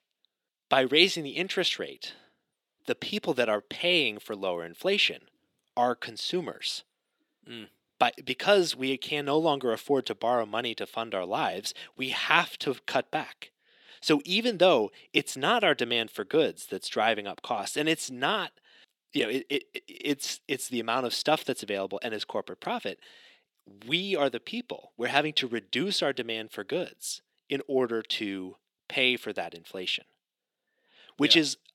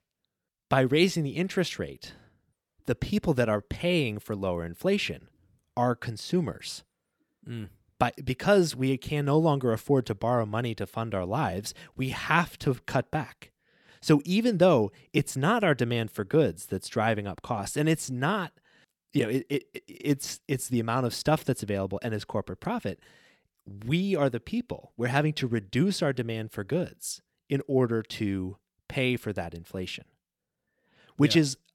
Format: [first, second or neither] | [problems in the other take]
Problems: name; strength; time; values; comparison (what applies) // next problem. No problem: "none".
second | thin; somewhat; fading below 350 Hz